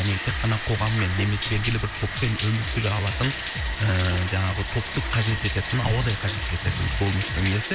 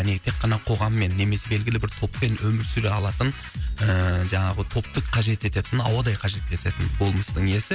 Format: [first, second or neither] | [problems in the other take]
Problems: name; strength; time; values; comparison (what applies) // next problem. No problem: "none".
second | background sound (Bathtub (filling or washing)); 7 dB below the speech